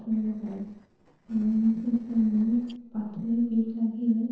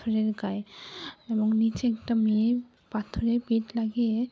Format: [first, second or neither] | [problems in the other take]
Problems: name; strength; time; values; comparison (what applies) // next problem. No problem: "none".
second | noise reduction (neural separator model SepFormer DNS4)